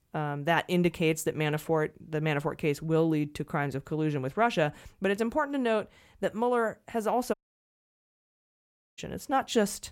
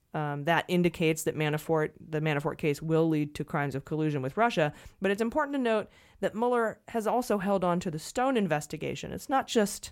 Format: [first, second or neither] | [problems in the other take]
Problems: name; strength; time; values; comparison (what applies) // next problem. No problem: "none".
second | audio cutting out; at 7.5 s for 1.5 s